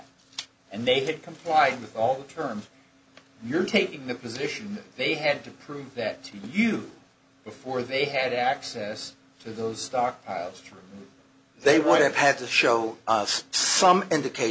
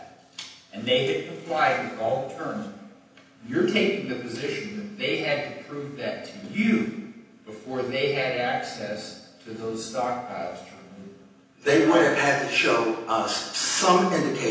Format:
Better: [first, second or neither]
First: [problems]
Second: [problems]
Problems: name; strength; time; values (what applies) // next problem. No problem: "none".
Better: first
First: none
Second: room echo; dies away in 0.9 s